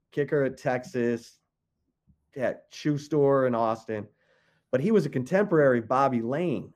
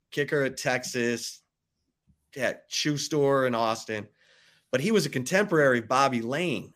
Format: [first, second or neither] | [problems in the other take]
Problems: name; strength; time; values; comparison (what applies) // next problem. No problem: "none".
second | muffled; very; fading above 2 kHz